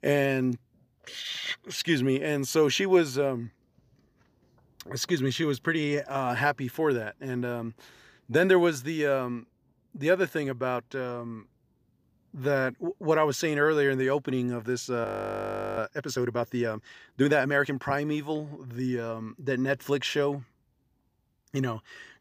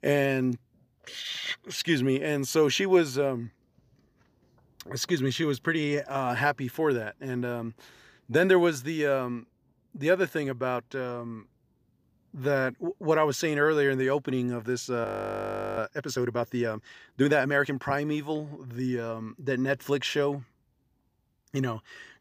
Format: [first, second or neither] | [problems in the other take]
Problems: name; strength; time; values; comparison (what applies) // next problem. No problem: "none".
neither | audio freezing; at 15 s for 0.5 s; the same in both